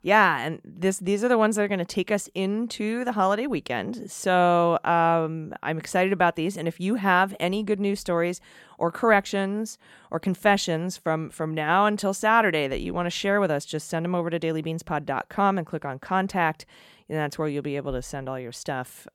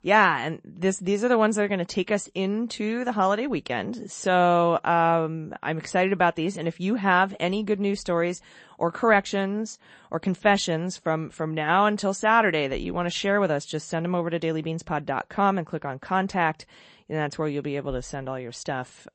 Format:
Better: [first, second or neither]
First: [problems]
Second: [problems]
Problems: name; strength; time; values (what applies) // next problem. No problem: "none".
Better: first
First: none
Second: garbled, watery; slightly; nothing above 8 kHz